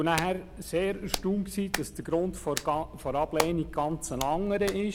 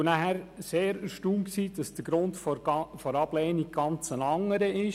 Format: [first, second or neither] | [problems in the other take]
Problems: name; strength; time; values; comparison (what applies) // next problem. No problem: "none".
second | background sound (Hands); 9 dB below the speech